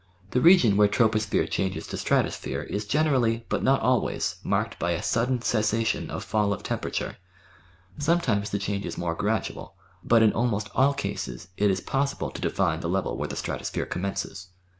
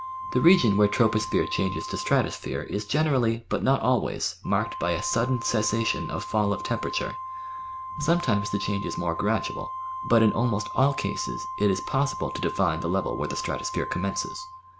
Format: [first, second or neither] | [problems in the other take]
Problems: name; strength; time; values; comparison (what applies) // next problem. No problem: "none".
first | background sound (Organ); 9 dB below the speech